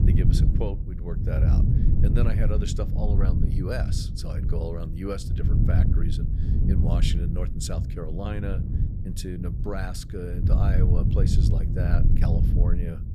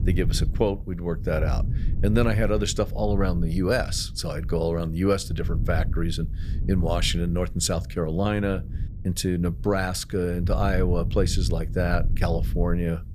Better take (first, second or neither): second